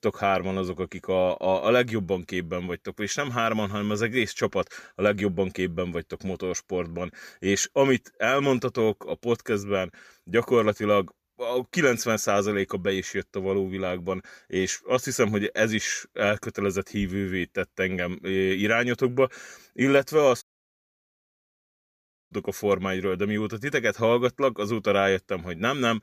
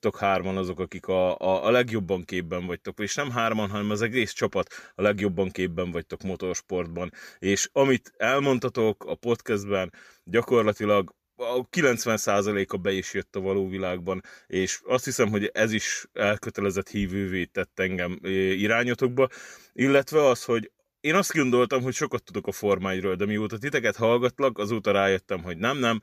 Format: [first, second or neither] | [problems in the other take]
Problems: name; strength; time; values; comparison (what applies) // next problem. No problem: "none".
second | audio cutting out; at 20 s for 2 s